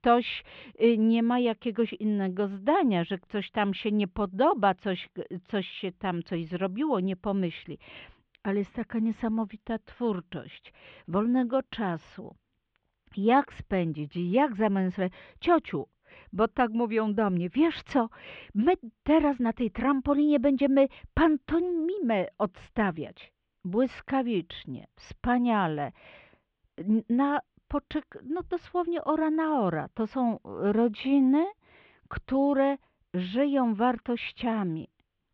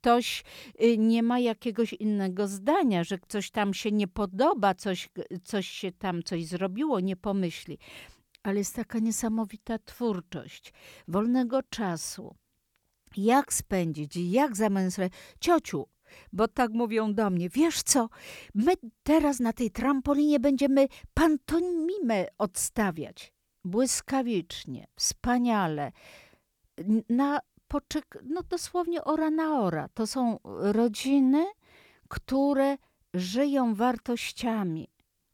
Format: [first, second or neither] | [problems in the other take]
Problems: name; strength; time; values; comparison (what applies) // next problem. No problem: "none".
second | muffled; very; fading above 3.5 kHz